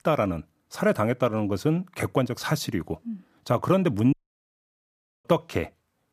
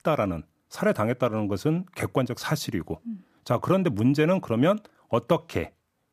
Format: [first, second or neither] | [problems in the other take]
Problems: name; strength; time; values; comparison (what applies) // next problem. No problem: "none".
second | audio cutting out; at 4 s for 1 s